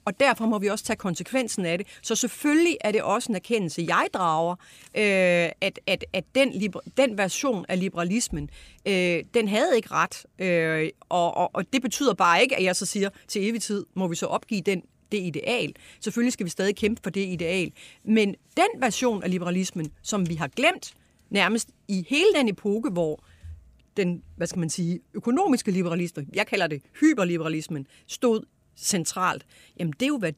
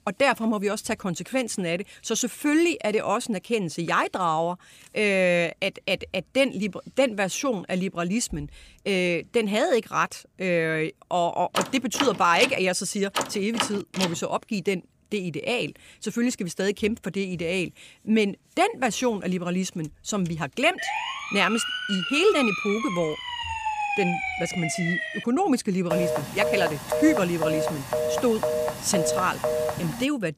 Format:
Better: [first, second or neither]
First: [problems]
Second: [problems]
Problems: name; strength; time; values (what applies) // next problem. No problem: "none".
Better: first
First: none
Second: door banging; noticeable; from 12 to 14 s; peak 4 dB below the speech // siren; noticeable; from 21 to 25 s; peak 1 dB below the speech // phone ringing; noticeable; from 26 s on; peak 1 dB below the speech